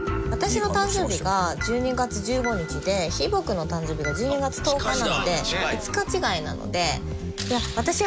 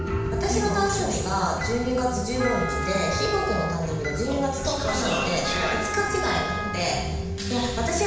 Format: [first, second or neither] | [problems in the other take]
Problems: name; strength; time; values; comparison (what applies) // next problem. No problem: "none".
first | background sound (Wind instrument, woodwind instrument); 8 dB below the speech // room echo; dies away in 1 s